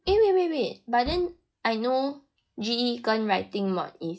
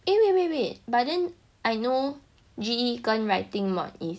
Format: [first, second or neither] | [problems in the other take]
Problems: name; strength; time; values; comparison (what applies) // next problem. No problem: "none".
second | noise reduction (classical method log-MMSE)